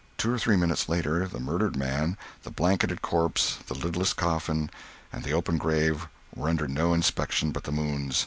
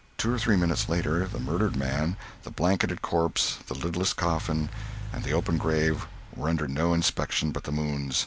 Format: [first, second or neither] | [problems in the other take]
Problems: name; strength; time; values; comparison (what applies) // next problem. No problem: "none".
first | background sound (Engine / Car); 10 dB below the speech